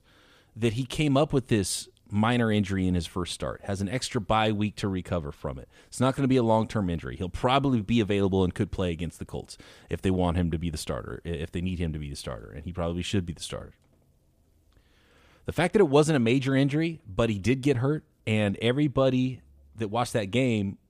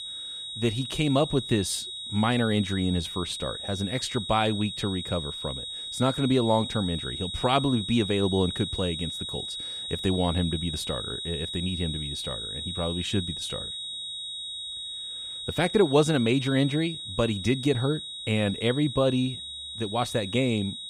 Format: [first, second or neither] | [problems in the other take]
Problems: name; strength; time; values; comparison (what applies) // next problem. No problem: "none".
first | high-pitched whine; loud; throughout; 4 kHz, 6 dB below the speech